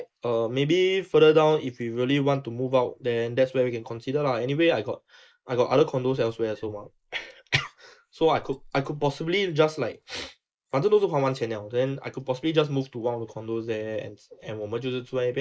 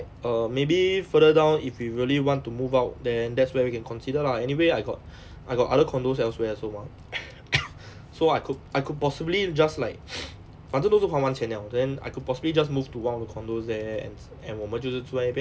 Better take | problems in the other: second | noise reduction (neural mask model Resemble Enhance denoiser)

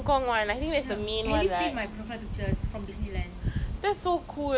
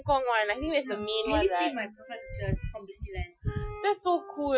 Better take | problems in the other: first | noise reduction (classical method Wiener filter)

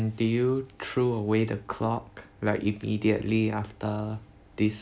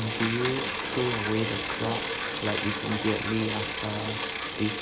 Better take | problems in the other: first | background sound (Bicycle); 1 dB below the speech

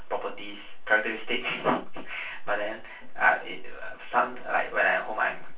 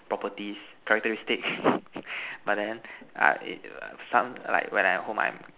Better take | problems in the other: second | room echo; dies away in 0.2 s

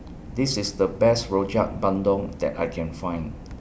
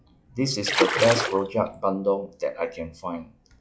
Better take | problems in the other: first | noise reduction (classical method log-MMSE)

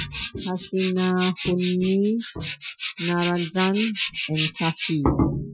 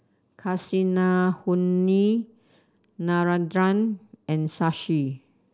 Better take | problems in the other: second | noise reduction (classical method Wiener filter)

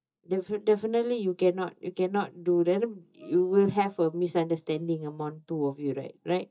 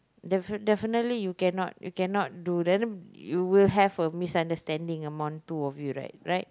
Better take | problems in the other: second | noise reduction (neural mask model DeepFilterNet 3)

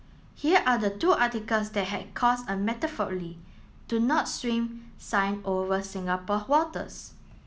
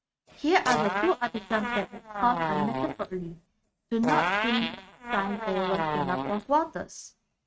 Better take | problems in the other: first | noise reduction (neural mask model RNNoise)

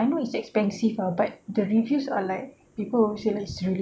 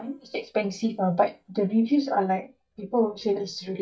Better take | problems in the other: first | noise reduction (neural mask model DeepFilterNet 3)

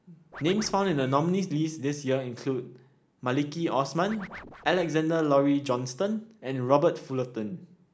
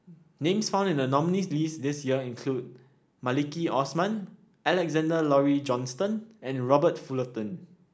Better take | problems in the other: second | background sound (Scratching (performance technique)); 19 dB below the speech

